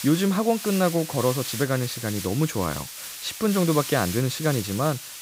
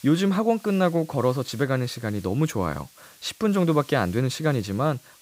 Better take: second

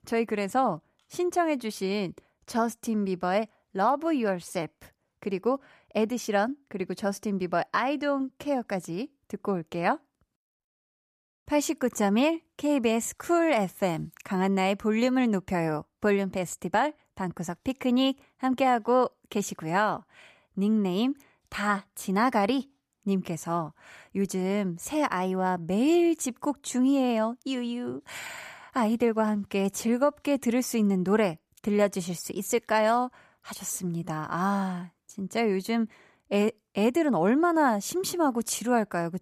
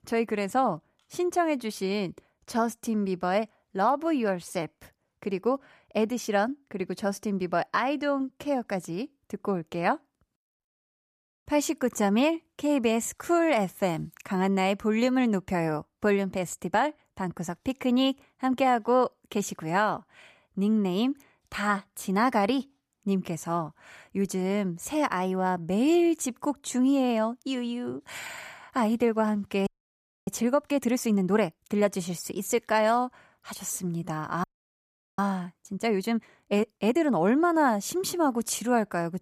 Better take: first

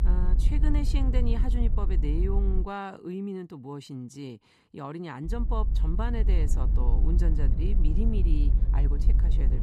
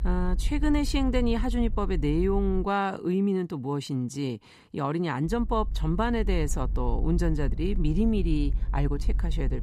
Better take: second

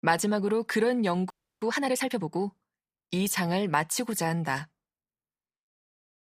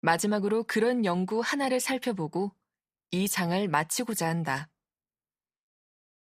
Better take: second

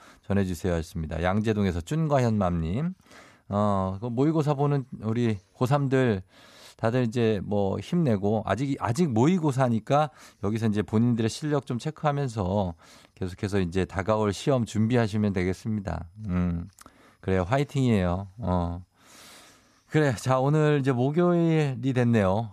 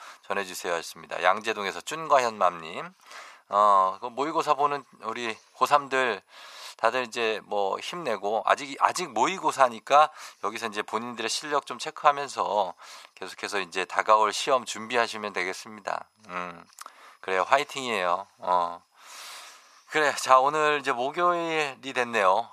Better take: first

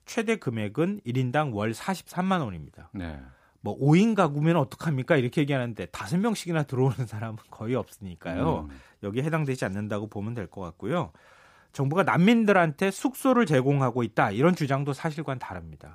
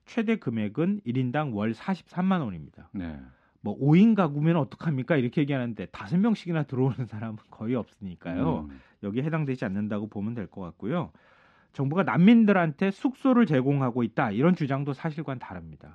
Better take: first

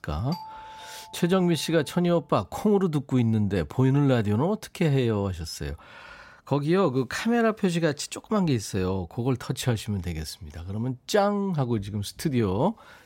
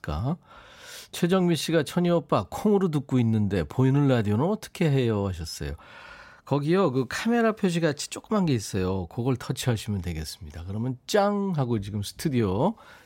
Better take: second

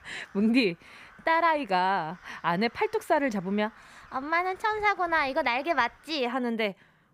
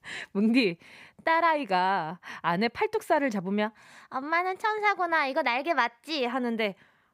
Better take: second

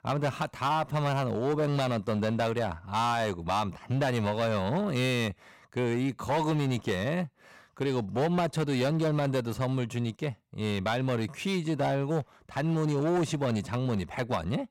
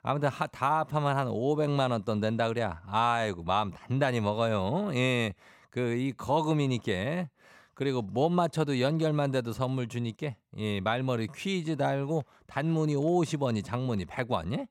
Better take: second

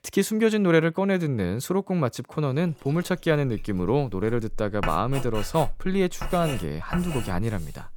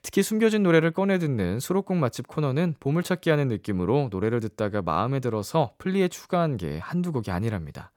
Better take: second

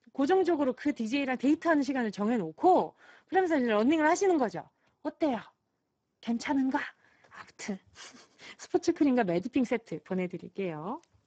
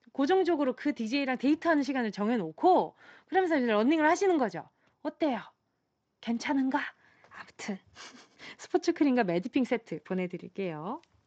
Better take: second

